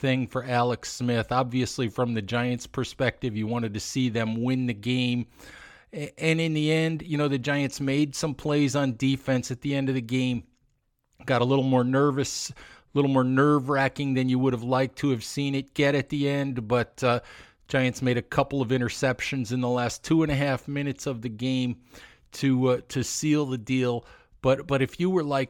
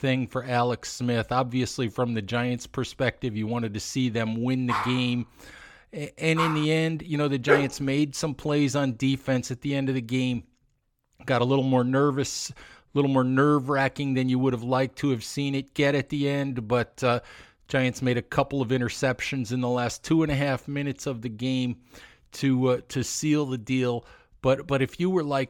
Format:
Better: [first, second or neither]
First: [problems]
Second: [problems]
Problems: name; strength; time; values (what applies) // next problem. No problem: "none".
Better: first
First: none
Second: dog barking; noticeable; from 4.5 to 6.5 s; peak 3 dB below the speech // dog barking; loud; at 7.5 s; peak 2 dB above the speech